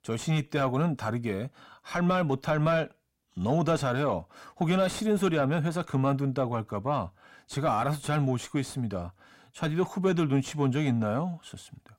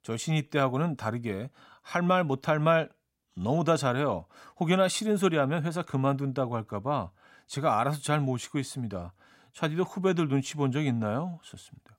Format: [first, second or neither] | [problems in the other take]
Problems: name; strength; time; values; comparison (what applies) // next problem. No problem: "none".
second | distortion; slight; 10 dB below the speech